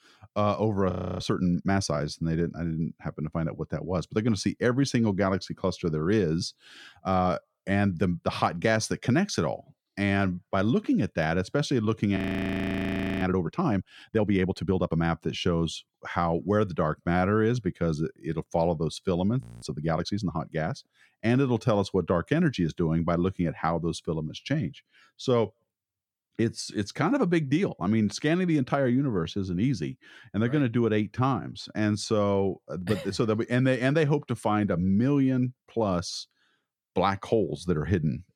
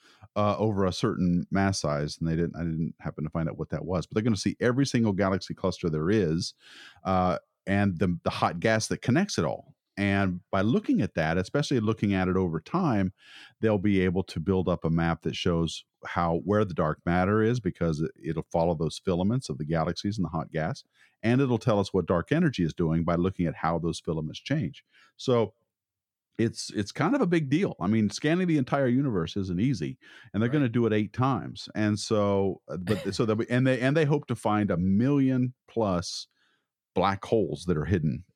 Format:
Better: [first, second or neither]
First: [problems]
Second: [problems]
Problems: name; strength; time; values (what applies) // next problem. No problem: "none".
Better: second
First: audio freezing; at 1 s, at 12 s for 1 s and at 19 s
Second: none